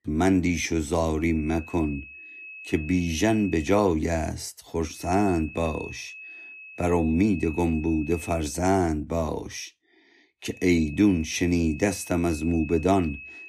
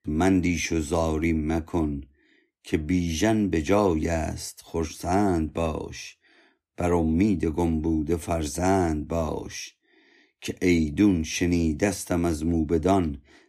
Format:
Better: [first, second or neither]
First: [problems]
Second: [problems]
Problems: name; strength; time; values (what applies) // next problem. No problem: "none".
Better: second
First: high-pitched whine; noticeable; from 1.5 to 3.5 s, from 5 to 8.5 s and from 11 s on; 2.5 kHz, 15 dB below the speech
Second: none